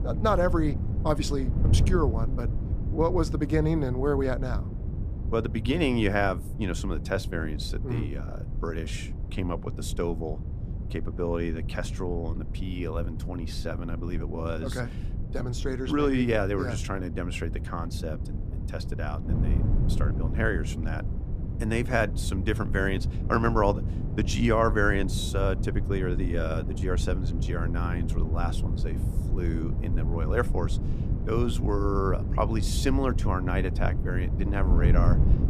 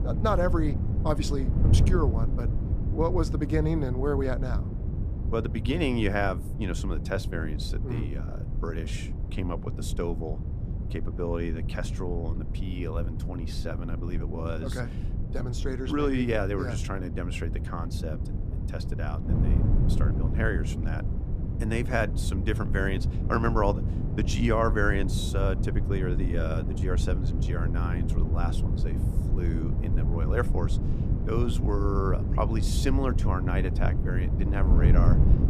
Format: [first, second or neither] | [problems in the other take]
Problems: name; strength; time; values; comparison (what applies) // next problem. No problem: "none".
first | wind noise on the microphone; heavy; 9 dB below the speech; occasional gusts in the first